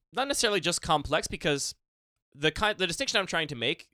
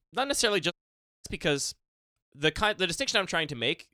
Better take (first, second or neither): first